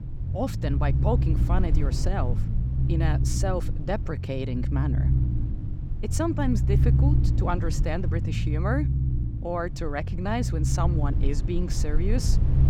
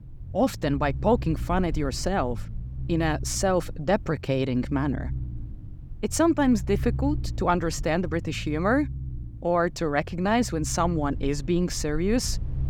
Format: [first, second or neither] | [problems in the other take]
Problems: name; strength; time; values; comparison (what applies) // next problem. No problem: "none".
second | low rumble; loud; throughout; 7 dB below the speech; faint in the second